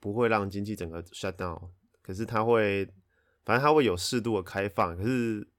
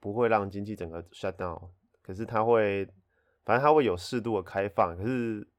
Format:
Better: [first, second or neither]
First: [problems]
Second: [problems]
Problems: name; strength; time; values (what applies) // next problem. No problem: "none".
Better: first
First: none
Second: muffled; slightly; fading above 4 kHz